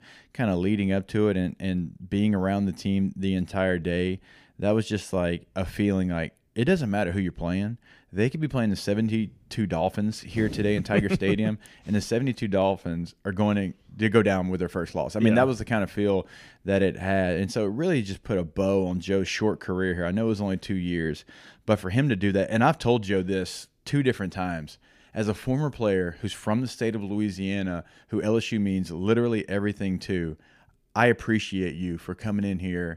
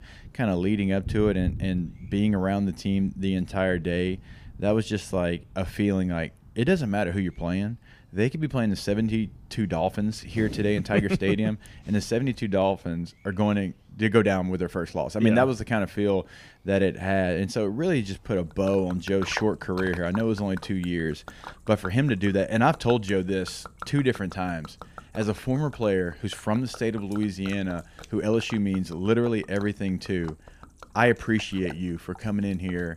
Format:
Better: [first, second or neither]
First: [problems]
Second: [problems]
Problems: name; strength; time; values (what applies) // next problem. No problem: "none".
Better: first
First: none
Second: rain or running water; noticeable; throughout; 20 dB below the speech